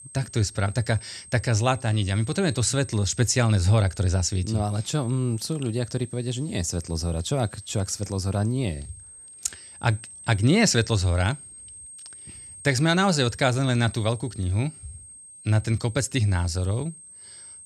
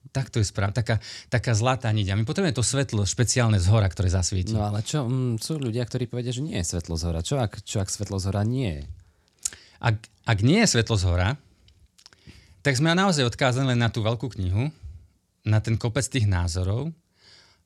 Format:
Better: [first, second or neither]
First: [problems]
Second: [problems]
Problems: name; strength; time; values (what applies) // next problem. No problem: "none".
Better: second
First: high-pitched whine; noticeable; throughout; 8.5 kHz, 15 dB below the speech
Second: none